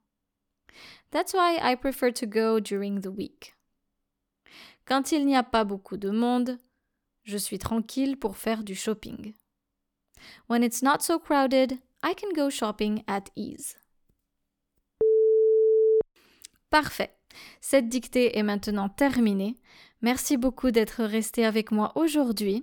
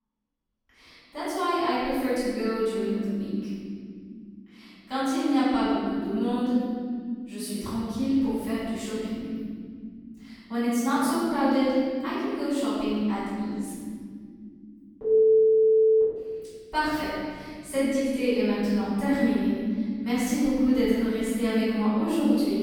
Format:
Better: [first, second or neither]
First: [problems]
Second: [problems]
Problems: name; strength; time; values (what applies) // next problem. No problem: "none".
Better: first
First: none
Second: off-mic speech; far // room echo; strong; dies away in 3 s